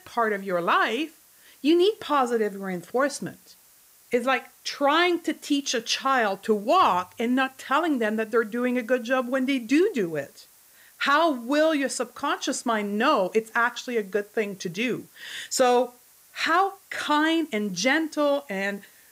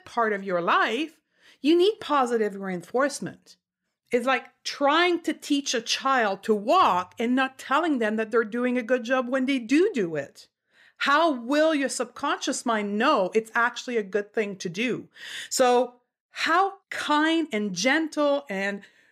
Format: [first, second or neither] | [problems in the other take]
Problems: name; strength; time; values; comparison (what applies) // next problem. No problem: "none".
second | hiss; faint; throughout; 30 dB below the speech